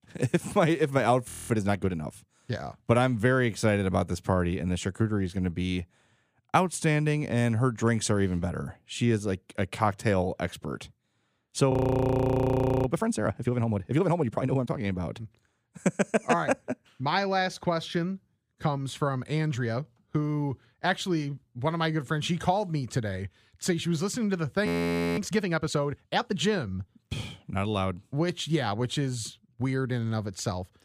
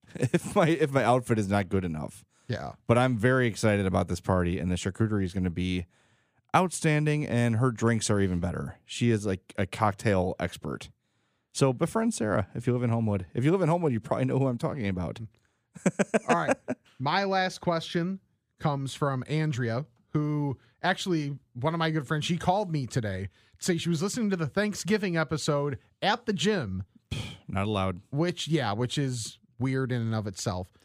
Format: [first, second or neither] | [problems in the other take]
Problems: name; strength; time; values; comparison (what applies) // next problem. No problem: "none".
second | audio freezing; at 1.5 s, at 12 s for 1 s and at 25 s for 0.5 s